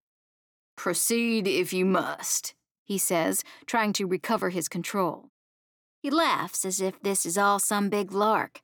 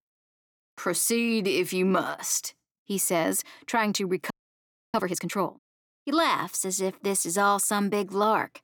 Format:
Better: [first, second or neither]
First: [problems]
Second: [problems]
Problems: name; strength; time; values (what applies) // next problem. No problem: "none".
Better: first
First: none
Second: audio freezing; at 4.5 s for 0.5 s